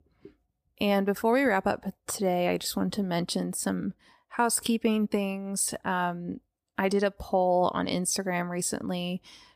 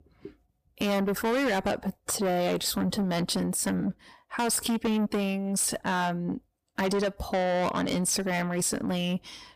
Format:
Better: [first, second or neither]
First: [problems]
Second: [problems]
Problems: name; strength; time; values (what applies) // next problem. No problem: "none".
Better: first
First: none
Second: distortion; heavy; 6 dB below the speech